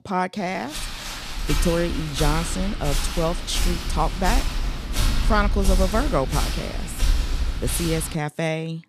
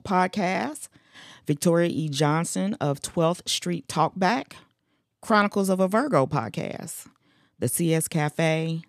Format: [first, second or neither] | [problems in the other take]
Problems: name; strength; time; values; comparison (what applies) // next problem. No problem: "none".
second | footsteps; loud; from 1 to 8 s; peak 2 dB above the speech